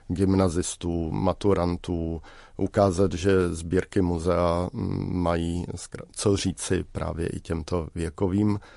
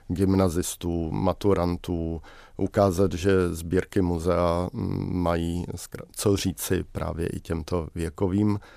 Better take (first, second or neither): second